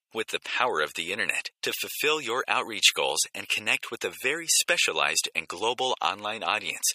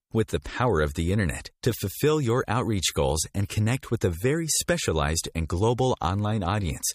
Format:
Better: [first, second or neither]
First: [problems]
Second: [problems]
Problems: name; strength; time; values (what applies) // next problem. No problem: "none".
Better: second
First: thin; very; fading below 600 Hz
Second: none